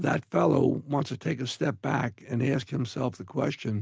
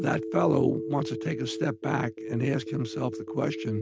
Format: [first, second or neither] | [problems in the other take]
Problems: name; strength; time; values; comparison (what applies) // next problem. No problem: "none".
first | noise reduction (neural mask model RNNoise)